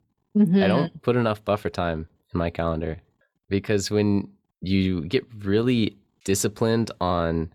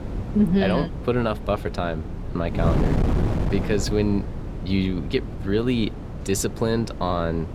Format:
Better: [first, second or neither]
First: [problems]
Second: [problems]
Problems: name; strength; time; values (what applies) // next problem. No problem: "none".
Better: first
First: none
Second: wind noise on the microphone; heavy; 9 dB below the speech